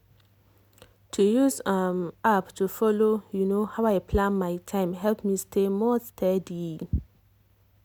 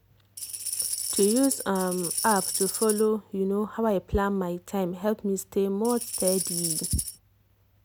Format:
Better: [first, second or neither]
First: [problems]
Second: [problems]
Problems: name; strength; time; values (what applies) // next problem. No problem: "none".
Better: first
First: none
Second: background sound (Tambourine); 4 dB below the speech